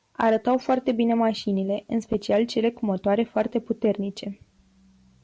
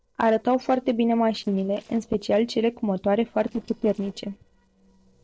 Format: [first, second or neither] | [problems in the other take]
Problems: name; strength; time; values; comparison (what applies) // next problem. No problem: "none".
first | noise reduction (neural separator model SepFormer DNS4)